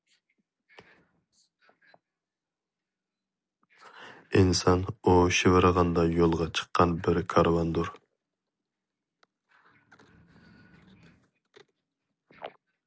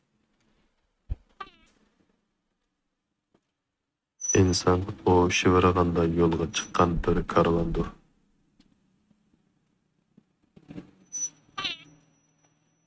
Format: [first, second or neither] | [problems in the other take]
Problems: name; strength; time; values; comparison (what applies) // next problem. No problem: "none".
first | noise reduction (neural mask model RNNoise)